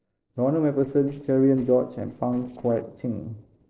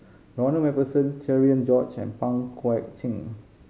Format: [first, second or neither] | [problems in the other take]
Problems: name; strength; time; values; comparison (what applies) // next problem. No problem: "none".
second | noise reduction (neural separator model SepFormer DNS4)